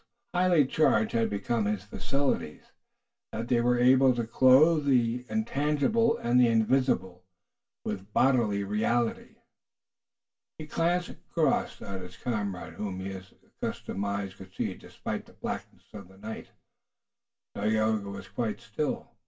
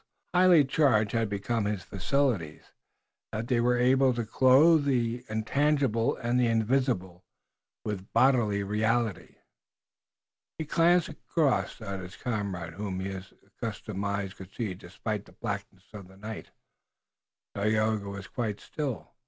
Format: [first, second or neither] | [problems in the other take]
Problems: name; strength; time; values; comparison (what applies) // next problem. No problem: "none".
second | room echo; dies away in 0.1 s